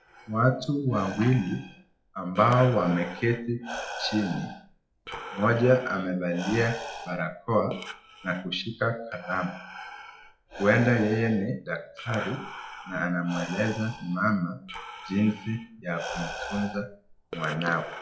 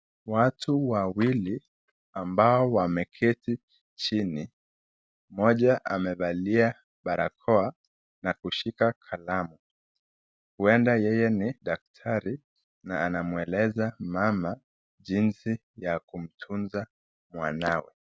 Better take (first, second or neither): second